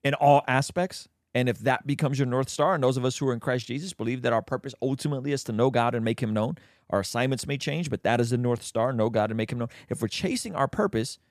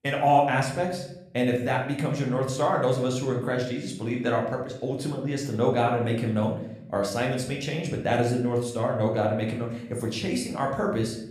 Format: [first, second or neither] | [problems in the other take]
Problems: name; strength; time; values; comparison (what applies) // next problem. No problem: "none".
first | room echo; slight; dies away in 0.6 s // off-mic speech; somewhat distant